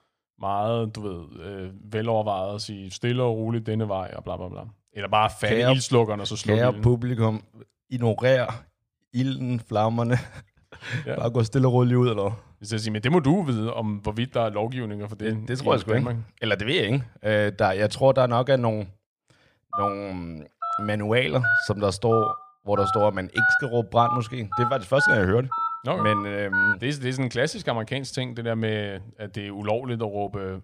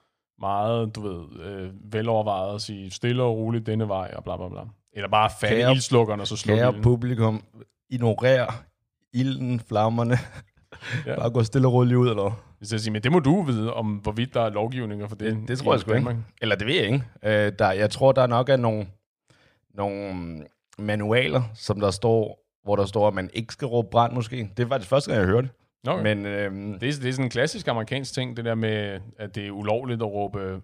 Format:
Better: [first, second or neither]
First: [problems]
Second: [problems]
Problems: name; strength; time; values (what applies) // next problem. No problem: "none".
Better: second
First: phone ringing; loud; from 20 to 27 s; peak 4 dB above the speech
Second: none